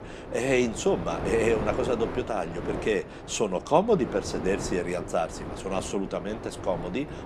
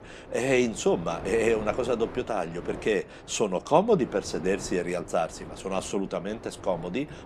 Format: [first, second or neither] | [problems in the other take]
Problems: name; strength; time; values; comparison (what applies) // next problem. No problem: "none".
second | wind noise on the microphone; heavy; 9 dB below the speech; occasional gusts in the second